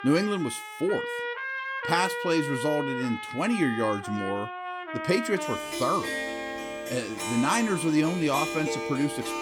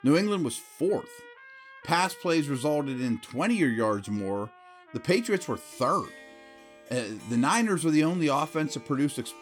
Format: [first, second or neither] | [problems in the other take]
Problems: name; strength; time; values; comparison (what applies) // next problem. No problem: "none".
second | background music; loud; throughout; 5 dB below the speech; faint in the second